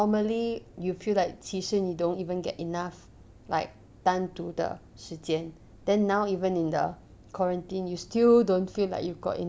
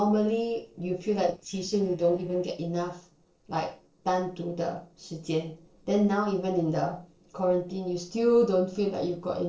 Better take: first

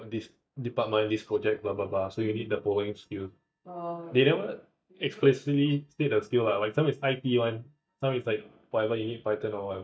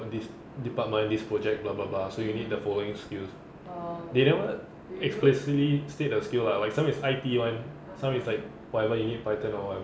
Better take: second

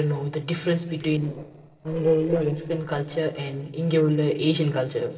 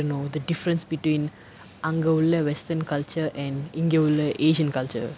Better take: second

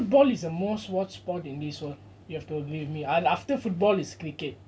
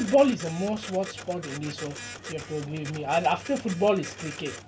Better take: first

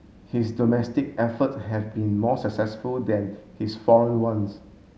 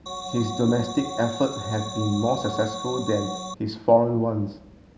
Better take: first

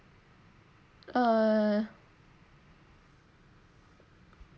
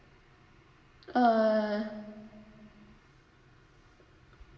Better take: first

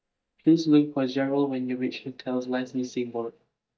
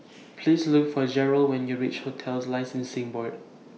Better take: second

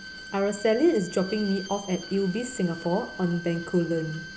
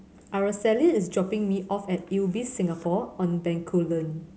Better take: second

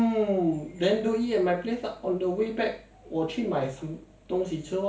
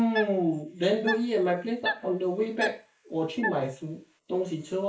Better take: first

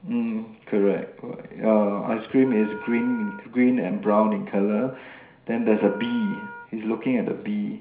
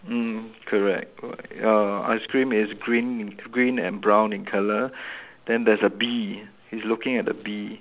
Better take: second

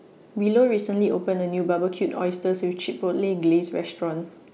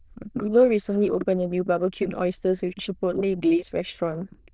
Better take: first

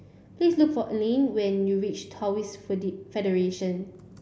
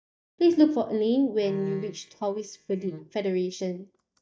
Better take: first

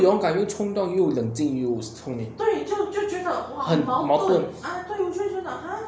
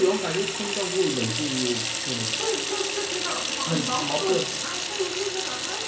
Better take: first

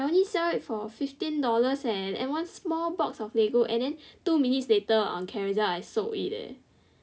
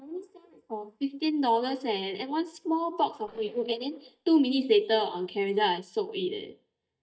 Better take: first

